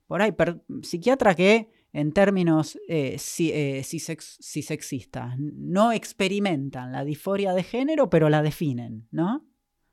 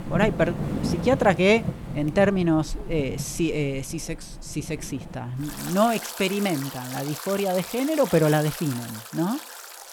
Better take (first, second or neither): first